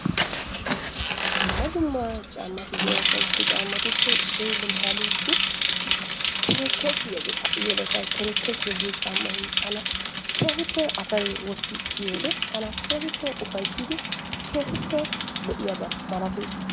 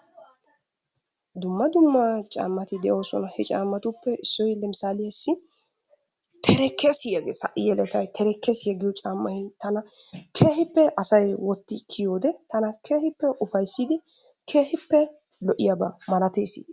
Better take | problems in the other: second | background sound (Bicycle); 4 dB above the speech

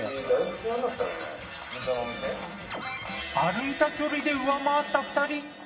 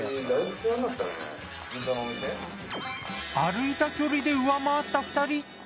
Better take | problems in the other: second | room echo; dies away in 0.8 s

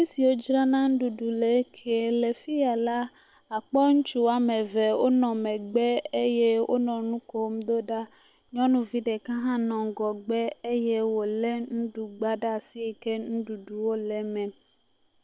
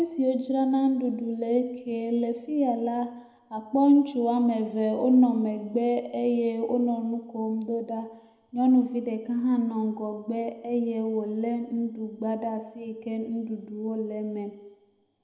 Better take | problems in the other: first | room echo; dies away in 0.7 s

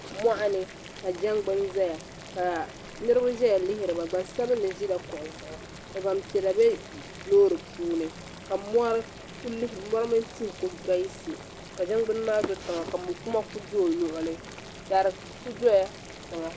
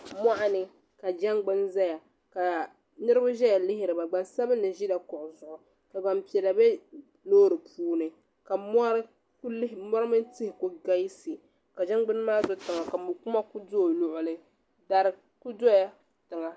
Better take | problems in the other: second | background sound (Boiling); 15 dB below the speech

